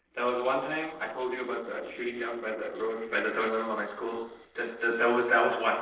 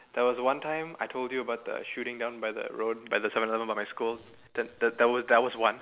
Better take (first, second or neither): second